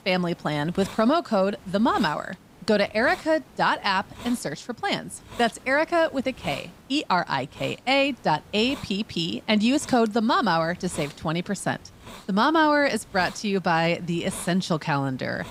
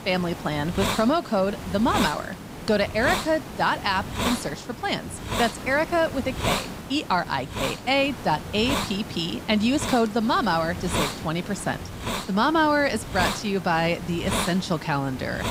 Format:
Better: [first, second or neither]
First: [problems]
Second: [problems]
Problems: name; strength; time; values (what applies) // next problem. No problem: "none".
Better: first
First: hiss; faint; throughout; 20 dB below the speech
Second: hiss; loud; throughout; 7 dB below the speech